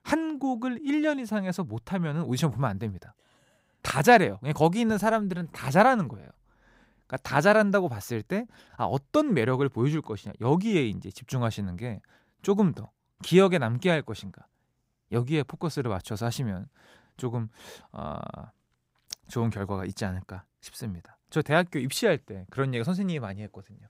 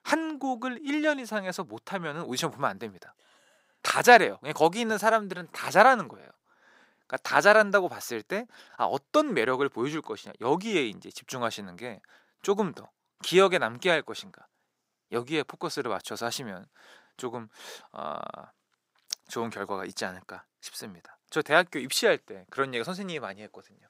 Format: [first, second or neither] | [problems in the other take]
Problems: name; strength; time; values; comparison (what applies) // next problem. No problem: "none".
first | thin; somewhat; fading below 350 Hz